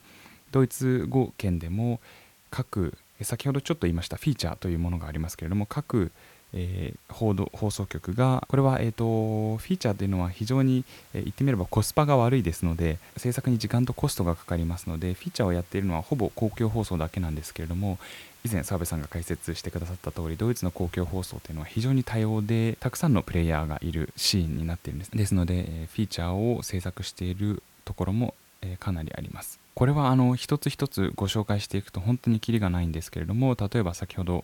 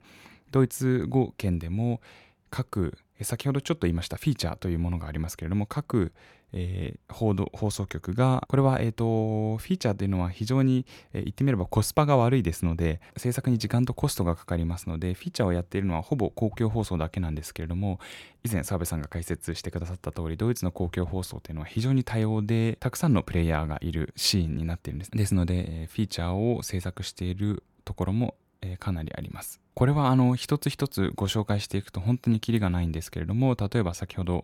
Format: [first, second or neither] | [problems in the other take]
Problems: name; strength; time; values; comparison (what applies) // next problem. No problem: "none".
second | hiss; faint; throughout; 25 dB below the speech